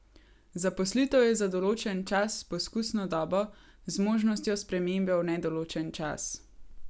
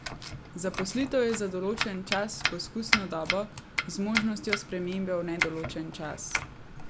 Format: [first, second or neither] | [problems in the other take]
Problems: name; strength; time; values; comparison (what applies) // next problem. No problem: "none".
first | background sound (Domestic sounds, home sounds); 2 dB below the speech